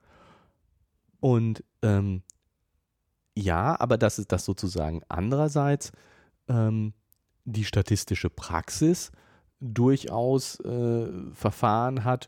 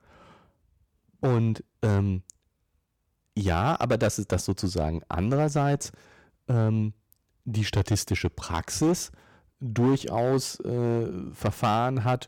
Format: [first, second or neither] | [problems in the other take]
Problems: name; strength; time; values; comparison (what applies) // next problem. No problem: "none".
first | distortion; slight; 7% of the sound clipped